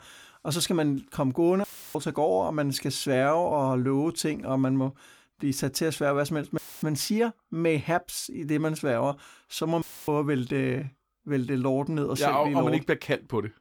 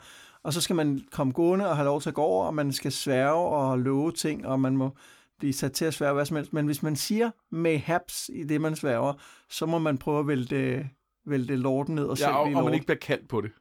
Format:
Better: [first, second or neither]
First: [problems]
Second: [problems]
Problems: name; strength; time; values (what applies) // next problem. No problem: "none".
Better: second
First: audio cutting out; filled with static; at 1.5 s, at 6.5 s and at 10 s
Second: none